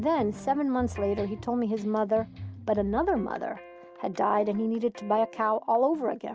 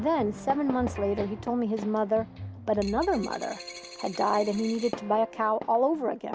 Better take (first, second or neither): first